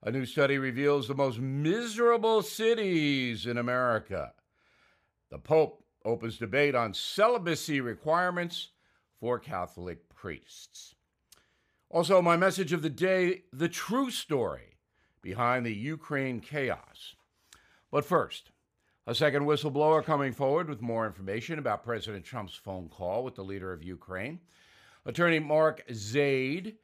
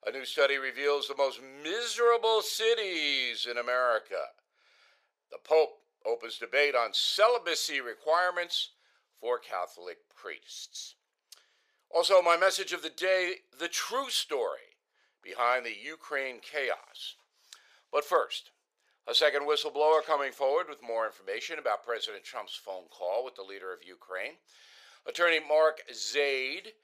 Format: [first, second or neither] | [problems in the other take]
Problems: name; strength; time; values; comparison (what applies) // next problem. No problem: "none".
first | thin; very; fading below 500 Hz